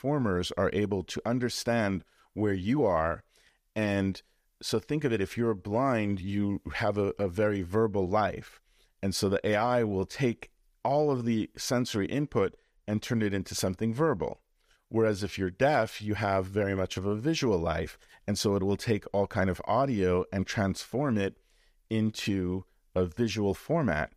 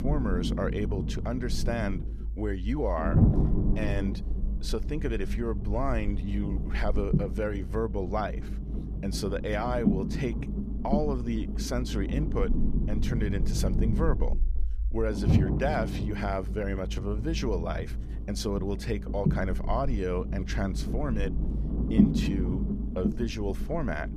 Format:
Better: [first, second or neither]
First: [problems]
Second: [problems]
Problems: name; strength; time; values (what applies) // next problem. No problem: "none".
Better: first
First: none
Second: low rumble; loud; throughout; 5 dB below the speech